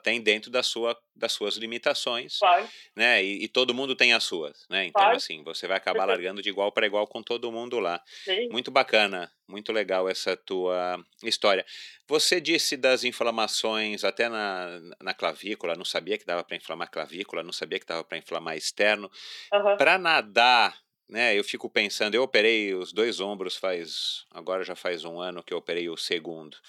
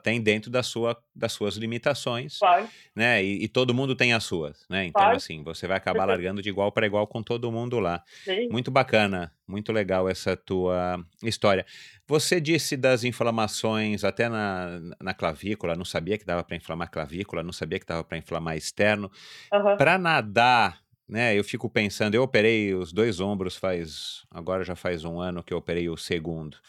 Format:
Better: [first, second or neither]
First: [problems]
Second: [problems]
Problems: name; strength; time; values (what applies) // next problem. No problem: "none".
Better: second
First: thin; somewhat; fading below 300 Hz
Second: none